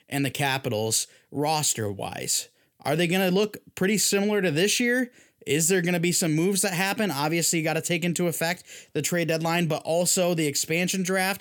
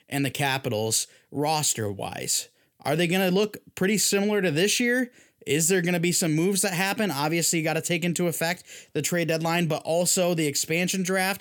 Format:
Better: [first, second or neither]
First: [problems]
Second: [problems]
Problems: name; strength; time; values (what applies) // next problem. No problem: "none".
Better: neither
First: none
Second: none